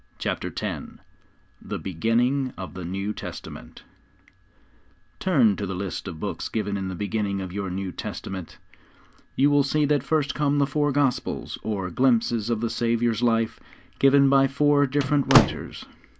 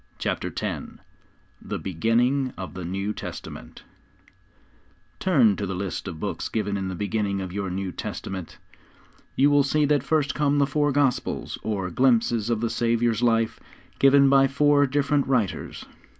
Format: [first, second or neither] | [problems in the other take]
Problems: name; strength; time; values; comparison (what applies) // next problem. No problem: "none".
second | background sound (Slam / Microwave oven); 2 dB above the speech